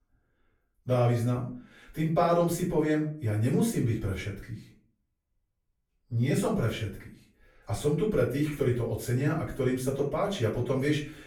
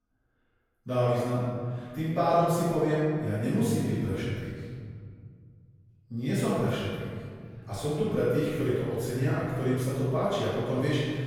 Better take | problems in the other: first | room echo; strong; dies away in 2 s; slight in the first // off-mic speech; far; far in the first

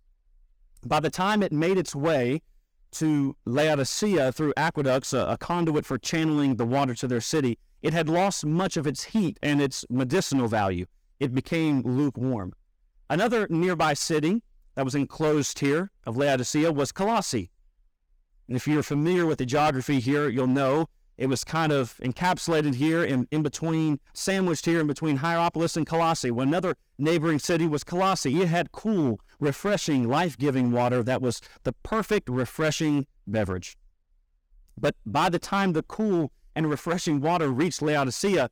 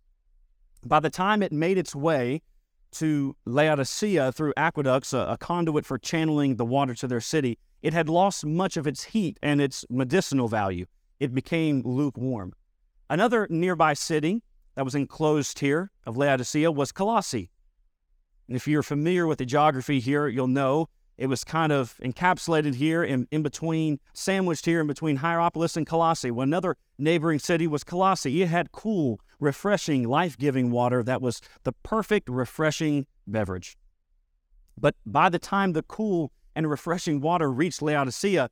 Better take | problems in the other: second | distortion; slight; 9% of the sound clipped

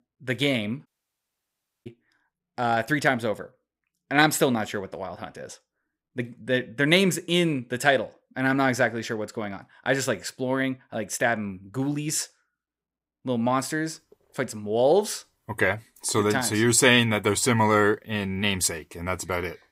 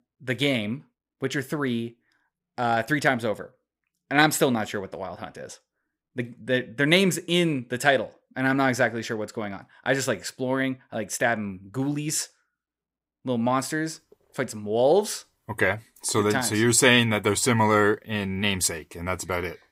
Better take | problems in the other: second | audio cutting out; at 1 s for 1 s

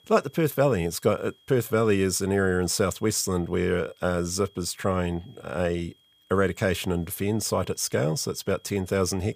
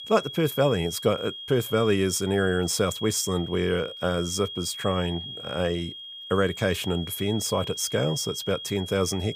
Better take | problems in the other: first | high-pitched whine; loud; throughout; 3.5 kHz, 10 dB below the speech; faint in the first

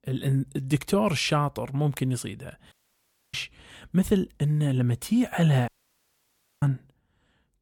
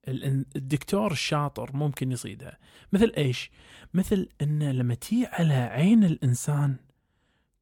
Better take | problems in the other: second | audio cutting out; at 2.5 s for 0.5 s and at 5.5 s for 1 s

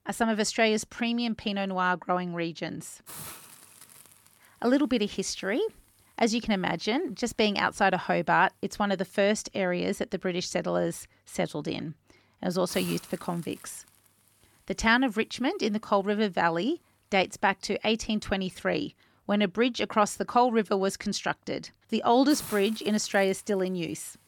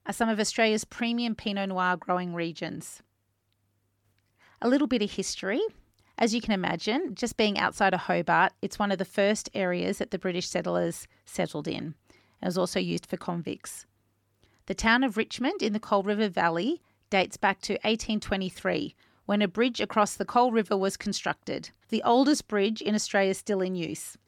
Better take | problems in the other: second | hiss; noticeable; throughout; 20 dB below the speech

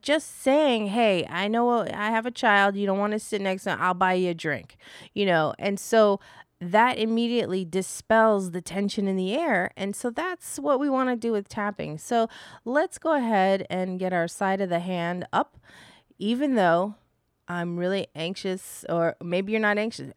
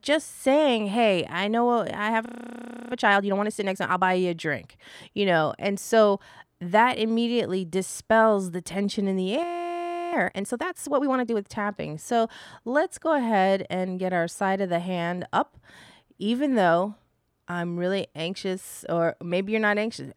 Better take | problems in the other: first | audio freezing; at 2.5 s for 0.5 s and at 9.5 s for 0.5 s

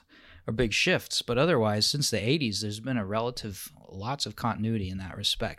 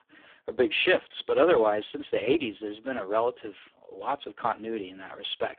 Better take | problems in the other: first | phone-call audio; poor line; nothing above 3.5 kHz

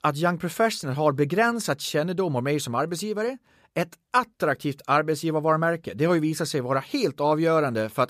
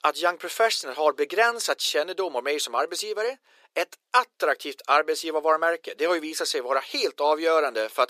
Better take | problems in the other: first | thin; very; fading below 400 Hz

